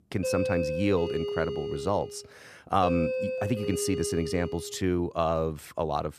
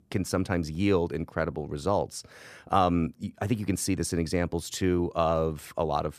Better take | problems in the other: second | doorbell; loud; until 5 s; peak level with the speech

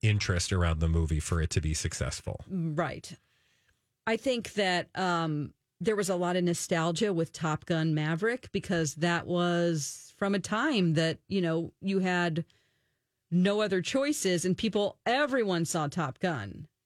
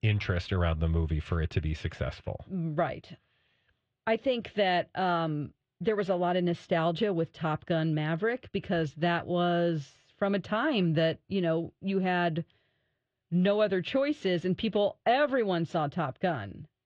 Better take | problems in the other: first | muffled; very; fading above 3.5 kHz

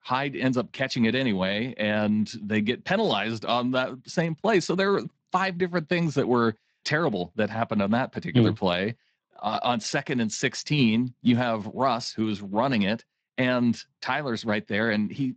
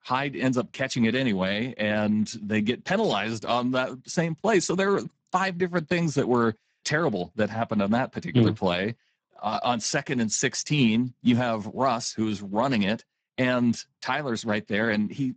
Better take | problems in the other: first | garbled, watery; badly; nothing above 7.5 kHz; slightly in the first

